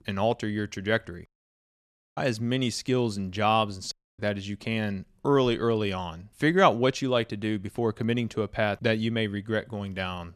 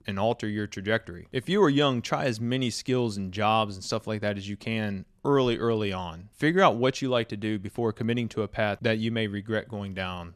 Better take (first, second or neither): second